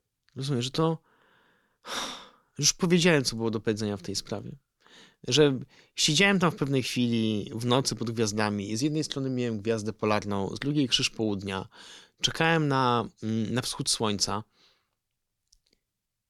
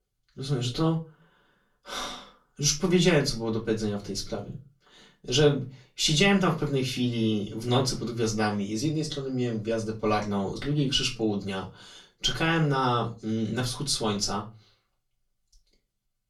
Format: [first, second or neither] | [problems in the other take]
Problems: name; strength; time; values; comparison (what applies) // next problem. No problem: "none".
first | off-mic speech; far // room echo; very slight; dies away in 0.2 s